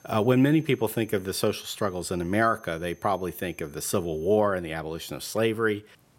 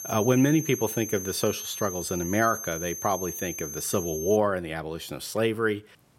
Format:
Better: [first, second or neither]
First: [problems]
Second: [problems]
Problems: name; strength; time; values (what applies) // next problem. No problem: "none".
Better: first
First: high-pitched whine; faint; until 4.5 s; 6.5 kHz, 30 dB below the speech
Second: high-pitched whine; loud; until 4.5 s; 6.5 kHz, 7 dB below the speech